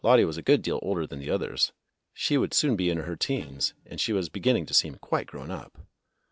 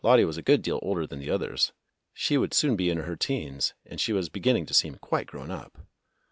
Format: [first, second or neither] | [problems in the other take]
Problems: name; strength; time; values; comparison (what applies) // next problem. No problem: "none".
second | noise reduction (neural separator model SepFormer DNS4)